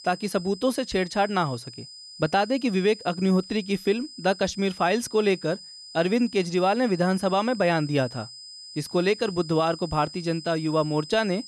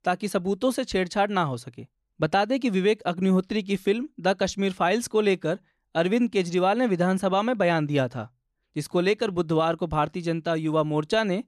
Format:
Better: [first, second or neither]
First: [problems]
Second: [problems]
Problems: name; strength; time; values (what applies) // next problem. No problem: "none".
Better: second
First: high-pitched whine; noticeable; throughout; 5 kHz, 15 dB below the speech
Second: none